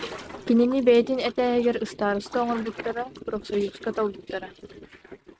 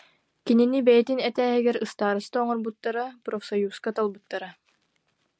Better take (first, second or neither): second